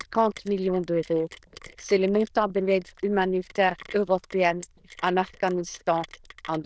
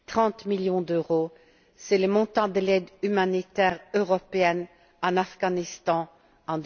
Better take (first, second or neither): second